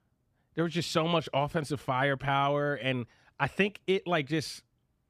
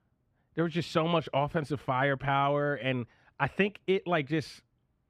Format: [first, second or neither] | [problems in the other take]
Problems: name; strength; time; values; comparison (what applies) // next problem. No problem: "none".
first | muffled; very slightly; fading above 4 kHz